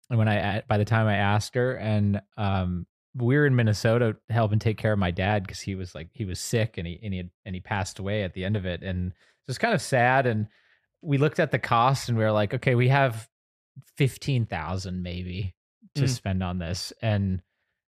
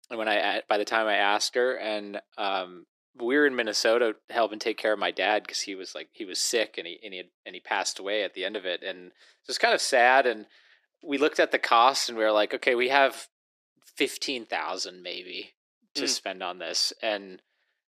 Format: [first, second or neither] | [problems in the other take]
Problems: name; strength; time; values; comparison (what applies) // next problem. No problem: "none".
first | thin; very; fading below 300 Hz